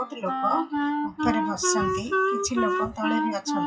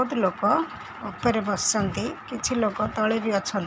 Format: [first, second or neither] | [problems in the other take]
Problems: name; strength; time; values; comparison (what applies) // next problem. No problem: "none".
second | noise reduction (classical method WPE with log-MMSE)